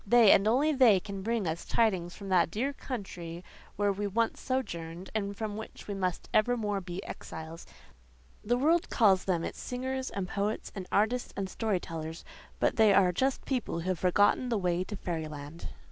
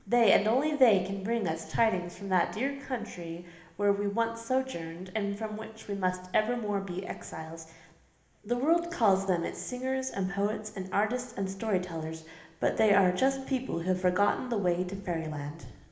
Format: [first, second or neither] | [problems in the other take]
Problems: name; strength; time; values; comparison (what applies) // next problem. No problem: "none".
first | room echo; dies away in 1 s